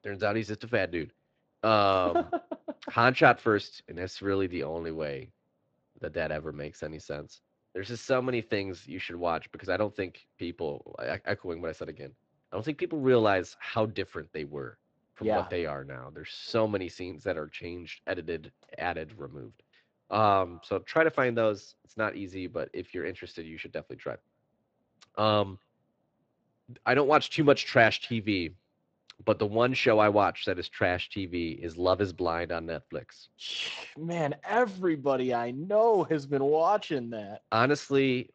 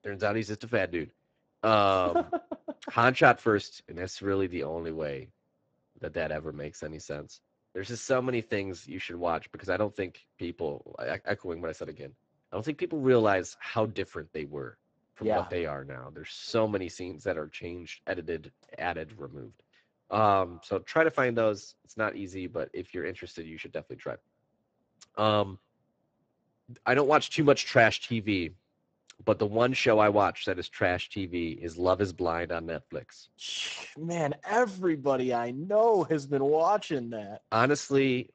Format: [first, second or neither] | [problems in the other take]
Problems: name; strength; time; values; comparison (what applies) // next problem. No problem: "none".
first | garbled, watery; badly; nothing above 7.5 kHz; slightly in the first